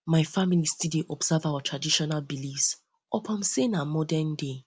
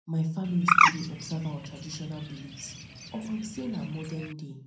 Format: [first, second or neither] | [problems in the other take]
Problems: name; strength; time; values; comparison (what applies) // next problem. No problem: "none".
first | background sound (Bird); 4 dB above the speech // room echo; dies away in 0.5 s